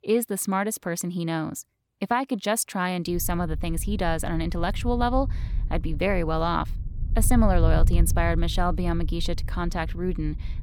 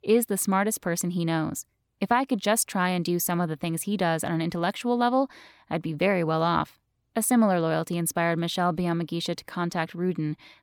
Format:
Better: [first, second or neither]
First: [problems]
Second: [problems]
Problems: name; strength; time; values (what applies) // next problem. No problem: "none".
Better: second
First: wind noise on the microphone; occasional gusts; from 3 s on; 20 dB below the speech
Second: none